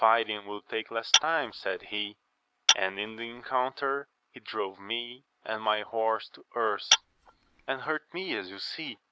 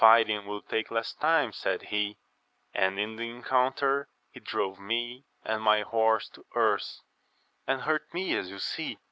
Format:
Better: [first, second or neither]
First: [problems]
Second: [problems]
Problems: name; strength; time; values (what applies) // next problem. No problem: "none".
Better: second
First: background sound (Tap / Glass); 2 dB above the speech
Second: none